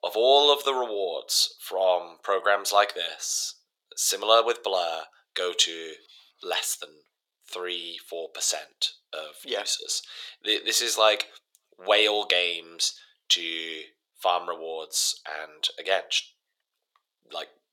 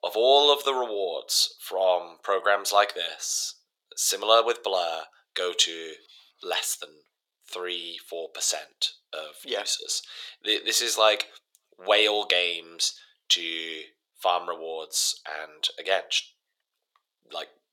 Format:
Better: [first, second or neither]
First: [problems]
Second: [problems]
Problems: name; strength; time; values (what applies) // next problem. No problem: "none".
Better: neither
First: thin; very; fading below 450 Hz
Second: thin; very; fading below 450 Hz